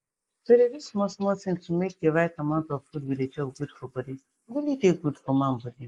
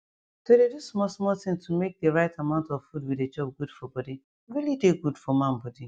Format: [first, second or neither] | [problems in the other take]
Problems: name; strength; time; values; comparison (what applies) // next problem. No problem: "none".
second | noise reduction (neural mask model Resemble Enhance denoiser)